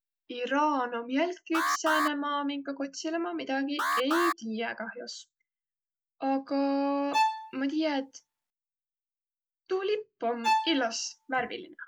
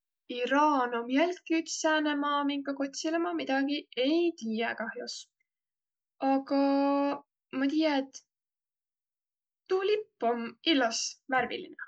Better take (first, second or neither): second